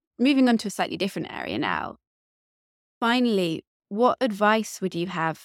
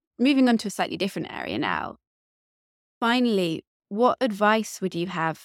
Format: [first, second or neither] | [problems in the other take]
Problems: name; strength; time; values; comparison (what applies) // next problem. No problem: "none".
neither | none